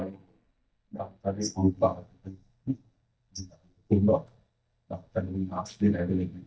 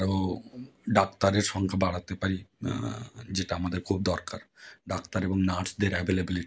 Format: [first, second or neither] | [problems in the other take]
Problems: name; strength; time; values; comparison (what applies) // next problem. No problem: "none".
second | noise reduction (neural mask model DeepFilterNet 3)